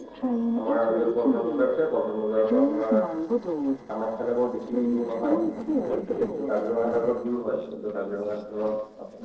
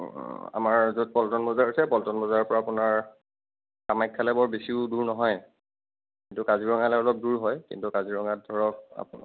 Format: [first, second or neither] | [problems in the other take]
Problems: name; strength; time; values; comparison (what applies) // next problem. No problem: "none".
second | noise reduction (neural separator model SepFormer DNS4)